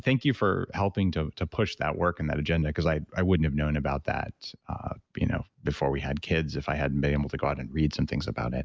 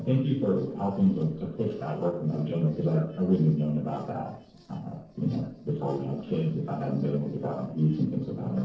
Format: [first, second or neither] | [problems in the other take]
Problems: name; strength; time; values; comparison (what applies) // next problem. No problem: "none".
first | noise reduction (neural separator model SepFormer DNS4)